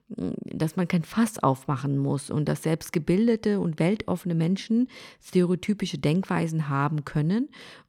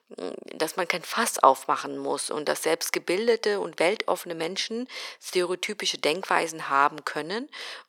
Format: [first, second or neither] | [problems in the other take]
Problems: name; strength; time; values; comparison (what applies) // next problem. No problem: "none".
first | thin; very; fading below 500 Hz